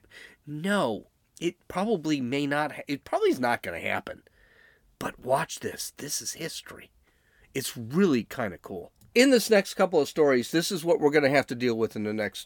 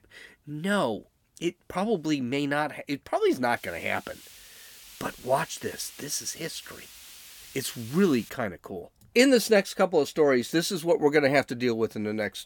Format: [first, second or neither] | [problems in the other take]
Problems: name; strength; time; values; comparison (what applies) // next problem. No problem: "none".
first | hiss; noticeable; from 3.5 to 8.5 s; 20 dB below the speech